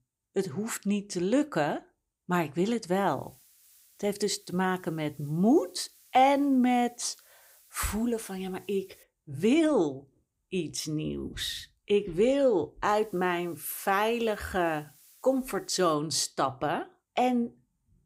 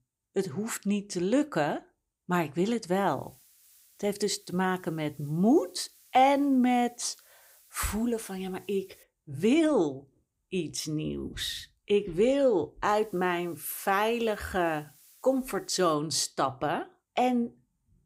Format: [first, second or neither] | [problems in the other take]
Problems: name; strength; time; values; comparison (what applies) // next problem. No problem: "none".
neither | hiss; faint; from 3 to 9 s and from 13 to 16 s; 30 dB below the speech; the same in both